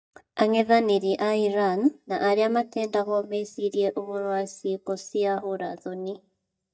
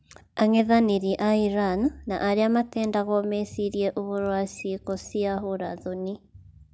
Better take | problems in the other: second | noise reduction (neural mask model DeepFilterNet 3)

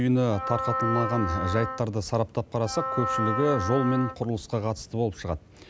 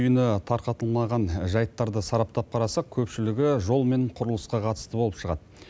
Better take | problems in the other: second | background sound (Wind instrument, woodwind instrument); 4 dB below the speech

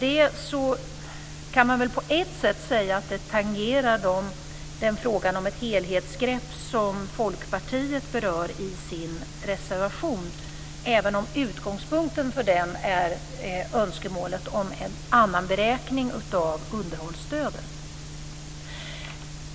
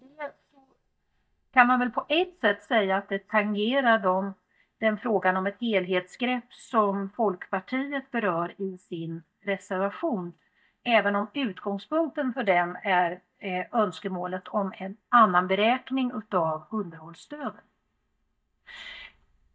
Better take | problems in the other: first | noise reduction (neural mask model DeepFilterNet 3)

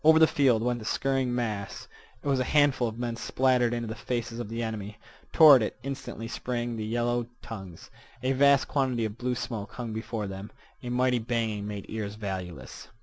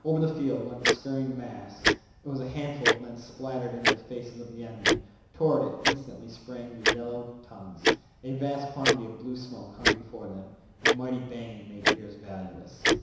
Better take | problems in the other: first | background sound (Tick-tock); 3 dB above the speech // room echo; dies away in 1 s

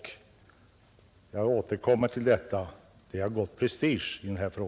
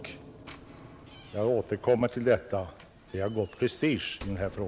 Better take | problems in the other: first | background sound (Knock / Slam); 19 dB below the speech

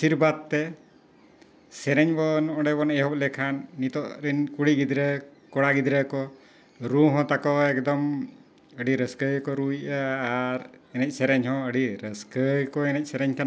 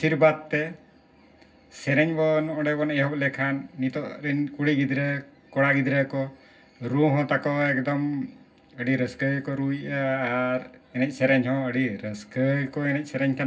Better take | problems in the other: first | room echo; dies away in 0.4 s

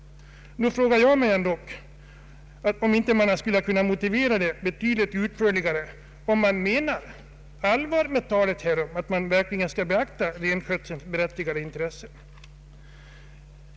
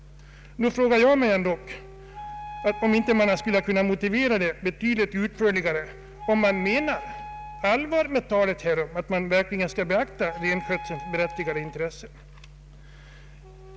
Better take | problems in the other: first | background sound (Wind instrument, woodwind instrument); 17 dB below the speech

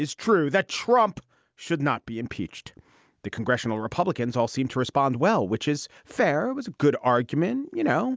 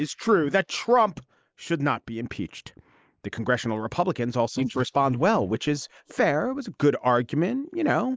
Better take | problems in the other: first | noise reduction (neural mask model Resemble Enhance denoiser)

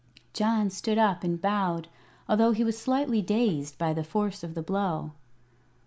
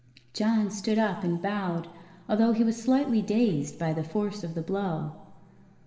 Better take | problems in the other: first | room echo; dies away in 2.4 s

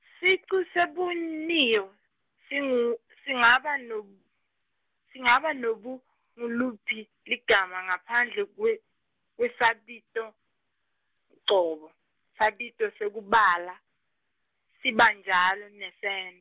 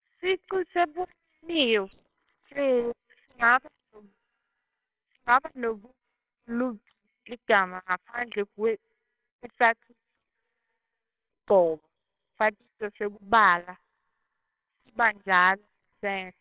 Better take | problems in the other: first | noise reduction (neural separator model SepFormer WHAMR!)

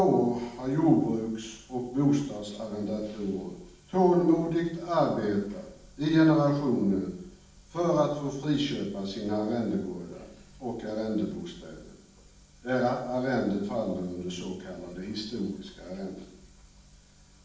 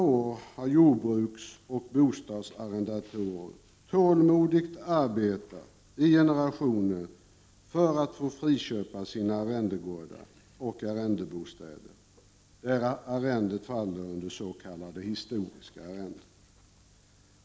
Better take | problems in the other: second | room echo; dies away in 0.6 s

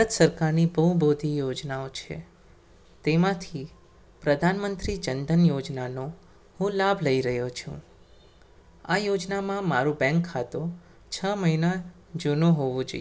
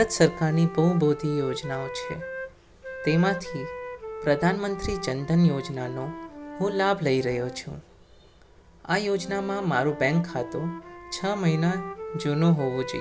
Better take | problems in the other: first | background sound (Wind instrument, woodwind instrument); 12 dB below the speech

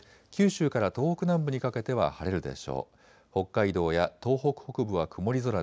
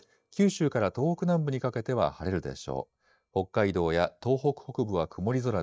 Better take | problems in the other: first | noise reduction (neural mask model DeepFilterNet 3)

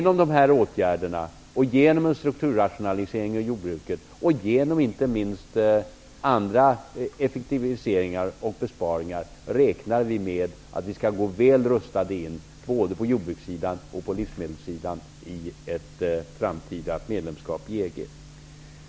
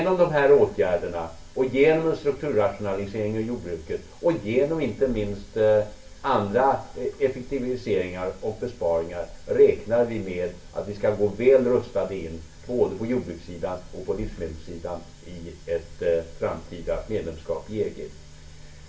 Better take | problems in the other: first | room echo; dies away in 0.3 s

